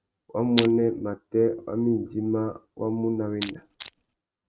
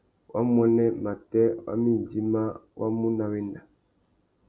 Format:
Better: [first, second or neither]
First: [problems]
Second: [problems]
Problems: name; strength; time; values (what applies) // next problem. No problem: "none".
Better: second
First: noise reduction (neural mask model RNNoise)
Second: none